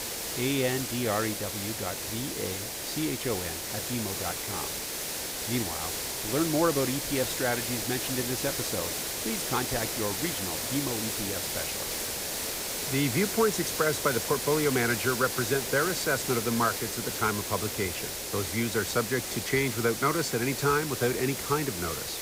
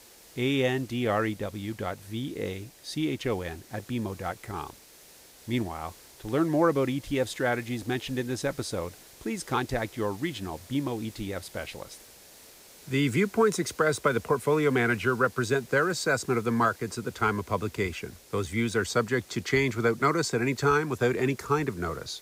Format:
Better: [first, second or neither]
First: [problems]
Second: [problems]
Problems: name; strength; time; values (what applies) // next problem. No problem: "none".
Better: second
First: hiss; loud; throughout; 1 dB below the speech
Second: hiss; faint; throughout; 20 dB below the speech